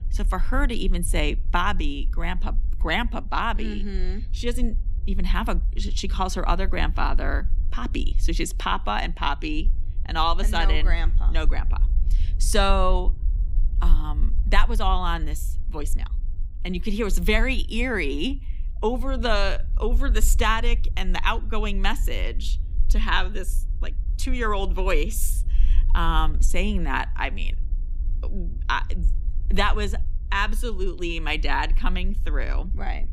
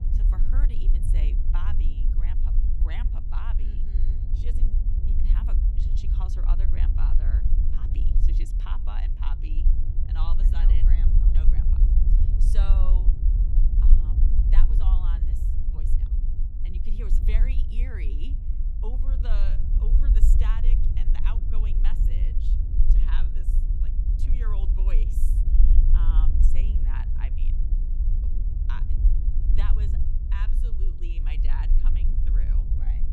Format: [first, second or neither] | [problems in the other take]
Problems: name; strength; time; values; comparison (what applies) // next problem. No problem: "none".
first | low rumble; loud; throughout; 2 dB below the speech; faint in the first